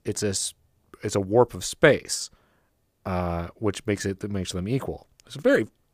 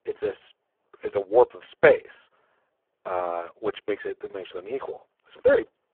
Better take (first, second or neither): first